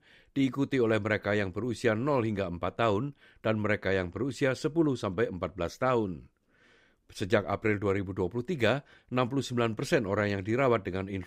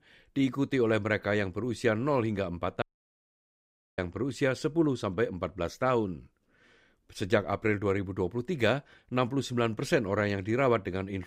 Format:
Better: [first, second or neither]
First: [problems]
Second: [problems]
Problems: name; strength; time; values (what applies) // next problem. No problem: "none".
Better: first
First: none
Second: audio cutting out; at 3 s for 1 s